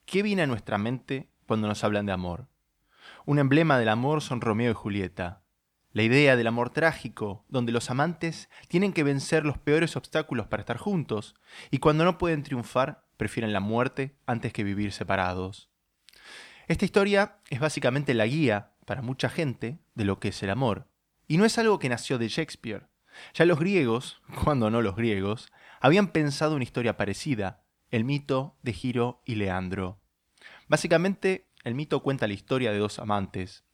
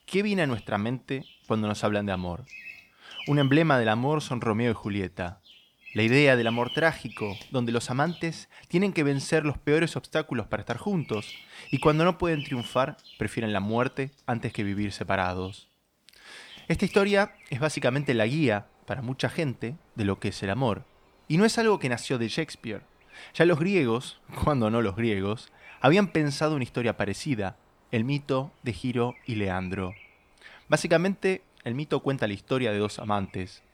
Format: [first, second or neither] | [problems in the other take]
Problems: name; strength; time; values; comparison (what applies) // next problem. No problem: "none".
first | animal sounds; noticeable; throughout; 20 dB below the speech